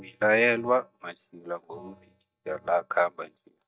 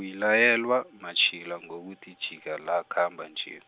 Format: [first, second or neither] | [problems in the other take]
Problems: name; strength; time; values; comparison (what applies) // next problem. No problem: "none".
second | noise reduction (neural mask model DeepFilterNet 3)